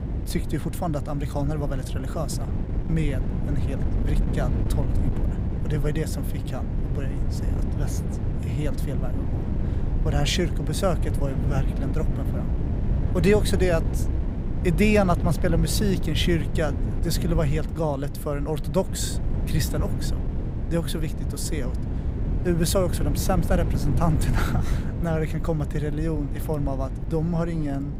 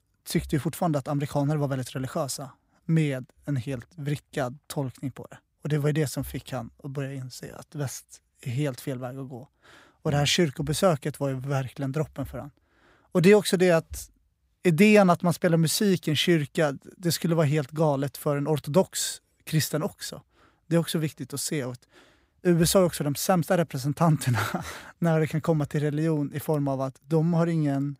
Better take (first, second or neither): second